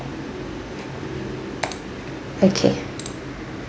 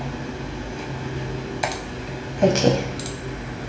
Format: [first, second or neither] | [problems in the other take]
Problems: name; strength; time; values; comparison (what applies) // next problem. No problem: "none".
first | room echo; dies away in 0.9 s